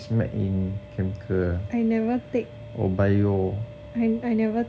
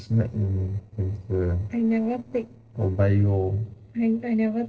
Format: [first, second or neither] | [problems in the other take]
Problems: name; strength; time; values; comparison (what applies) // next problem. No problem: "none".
first | noise reduction (neural separator model SepFormer DNS4)